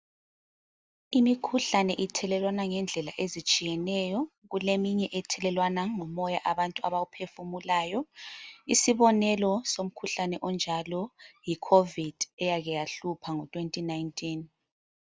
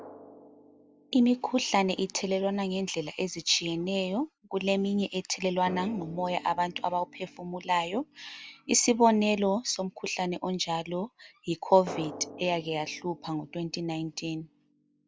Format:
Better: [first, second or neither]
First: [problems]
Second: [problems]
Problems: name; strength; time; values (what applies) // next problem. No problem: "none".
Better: first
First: none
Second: background sound (Drum); 20 dB below the speech